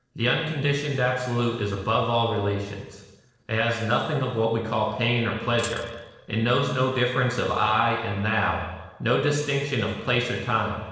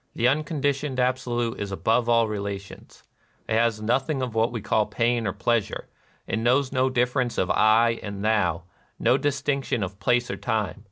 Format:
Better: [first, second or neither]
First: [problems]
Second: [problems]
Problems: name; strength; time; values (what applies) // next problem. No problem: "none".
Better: second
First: noise reduction (neural separator model SepFormer DNS4)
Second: none